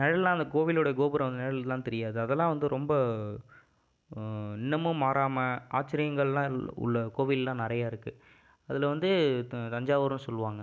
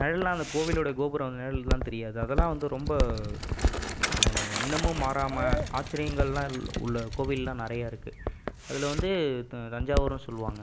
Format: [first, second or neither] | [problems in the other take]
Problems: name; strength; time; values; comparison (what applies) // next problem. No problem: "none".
first | background sound (Walk, footsteps + Bicycle); as loud as the speech